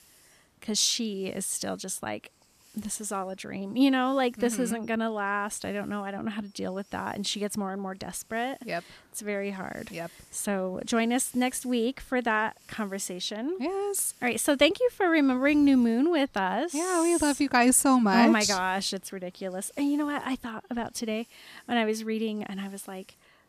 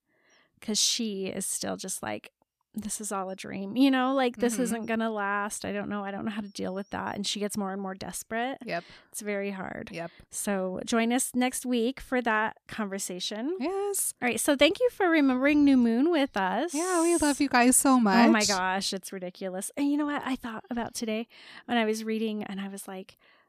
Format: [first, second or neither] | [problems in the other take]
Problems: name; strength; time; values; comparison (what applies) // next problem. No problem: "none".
second | hiss; faint; throughout; 30 dB below the speech